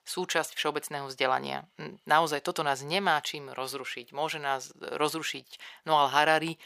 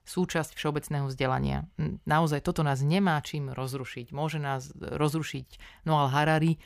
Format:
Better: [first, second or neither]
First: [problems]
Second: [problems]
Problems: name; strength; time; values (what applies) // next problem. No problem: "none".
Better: second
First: thin; very; fading below 450 Hz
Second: none